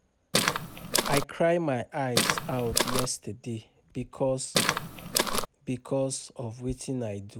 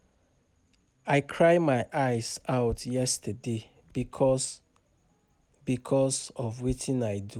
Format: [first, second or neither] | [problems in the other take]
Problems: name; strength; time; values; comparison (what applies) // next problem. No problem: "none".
second | background sound (Walk, footsteps); 4 dB above the speech